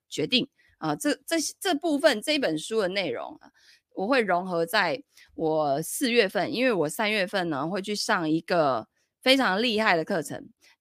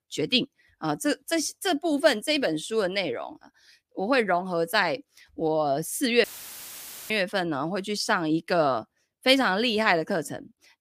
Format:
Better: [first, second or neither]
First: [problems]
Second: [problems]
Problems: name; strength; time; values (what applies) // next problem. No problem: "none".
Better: first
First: none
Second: audio cutting out; filled with static; at 6 s for 1 s